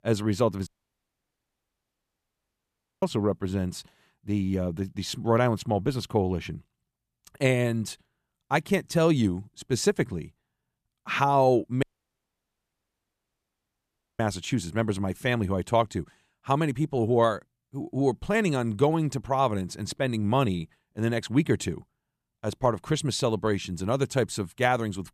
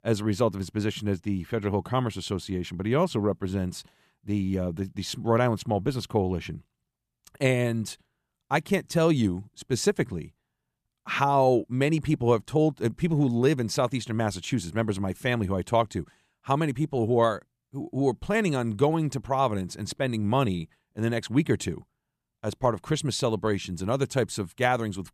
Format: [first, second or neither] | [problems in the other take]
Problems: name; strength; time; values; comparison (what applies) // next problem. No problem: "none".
second | audio cutting out; at 0.5 s for 2.5 s and at 12 s for 2.5 s